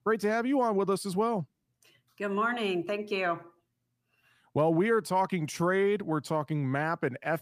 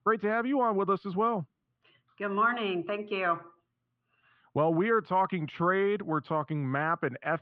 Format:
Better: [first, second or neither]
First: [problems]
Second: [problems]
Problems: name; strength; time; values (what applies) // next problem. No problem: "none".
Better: first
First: none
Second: muffled; very; fading above 3.5 kHz